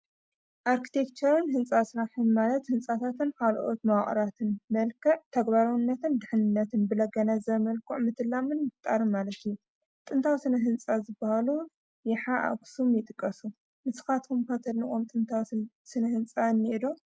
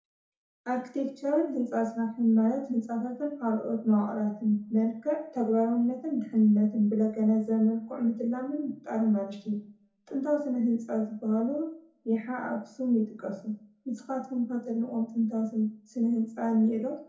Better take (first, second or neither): first